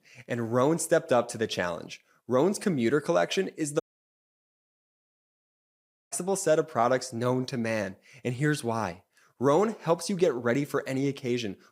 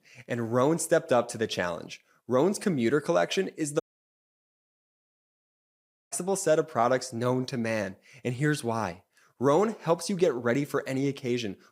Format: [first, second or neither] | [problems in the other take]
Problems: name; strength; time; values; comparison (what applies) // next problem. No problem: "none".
neither | audio cutting out; at 4 s for 2.5 s; the same in both